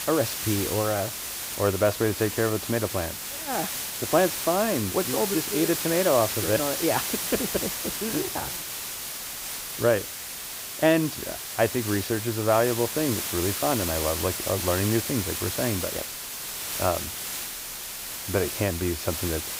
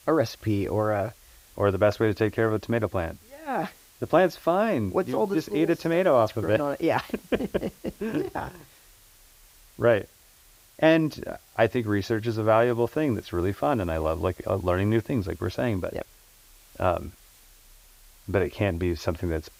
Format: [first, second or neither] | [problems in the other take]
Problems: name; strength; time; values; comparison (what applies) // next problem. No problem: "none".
second | hiss; loud; throughout; 3 dB below the speech; faint in the second